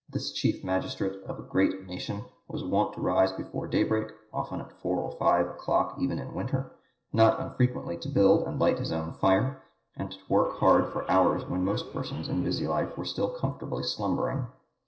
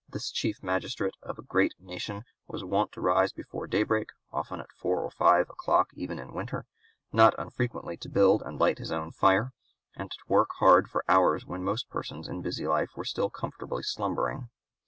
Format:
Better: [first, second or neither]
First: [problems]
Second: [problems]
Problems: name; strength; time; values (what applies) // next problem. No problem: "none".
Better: second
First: noise reduction (neural separator model SepFormer DNS4)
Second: none